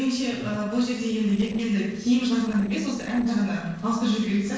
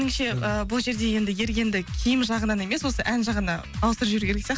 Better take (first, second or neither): second